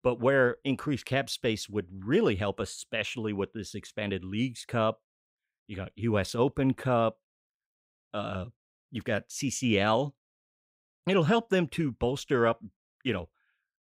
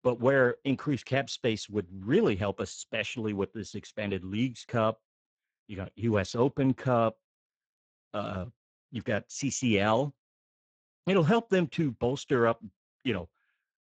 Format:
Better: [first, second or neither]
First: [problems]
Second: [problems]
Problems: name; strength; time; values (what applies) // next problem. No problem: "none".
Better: first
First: none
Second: garbled, watery; badly; nothing above 7.5 kHz